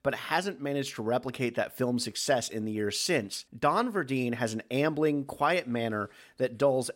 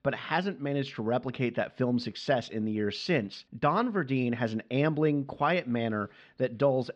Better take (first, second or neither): first